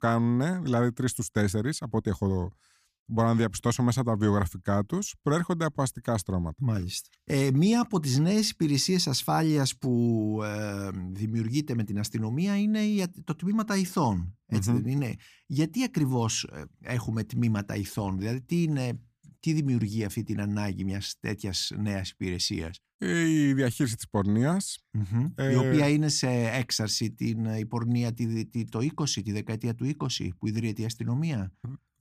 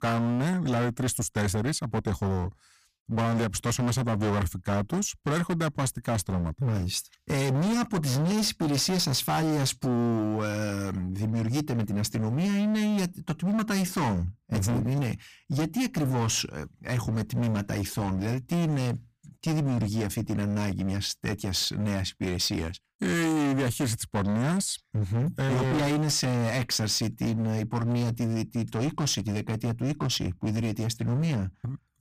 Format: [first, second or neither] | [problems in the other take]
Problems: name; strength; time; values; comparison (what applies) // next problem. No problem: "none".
first | distortion; heavy; 25% of the sound clipped